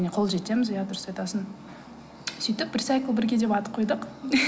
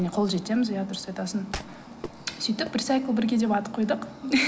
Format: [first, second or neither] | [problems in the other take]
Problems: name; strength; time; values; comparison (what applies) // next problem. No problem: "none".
first | background sound (Wood); 18 dB below the speech